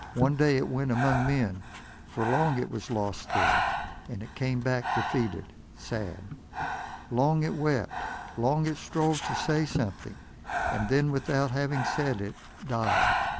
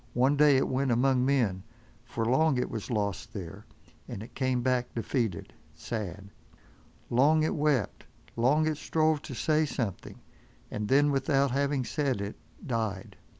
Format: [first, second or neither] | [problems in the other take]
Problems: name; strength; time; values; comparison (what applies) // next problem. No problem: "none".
second | background sound (Breathing); 4 dB below the speech